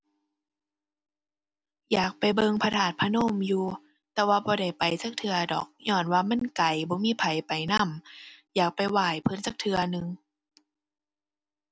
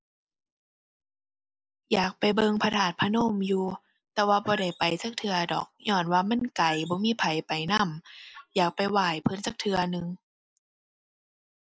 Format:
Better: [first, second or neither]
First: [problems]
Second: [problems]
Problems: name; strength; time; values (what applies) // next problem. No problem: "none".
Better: first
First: none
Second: noise reduction (neural mask model Resemble Enhance denoiser)